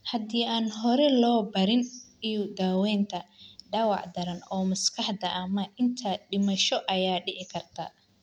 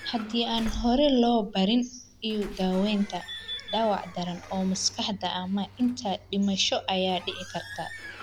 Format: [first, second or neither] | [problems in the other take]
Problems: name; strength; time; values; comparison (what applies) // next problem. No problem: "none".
first | background sound (Squeak / Slam / Alarm / Wood); 14 dB below the speech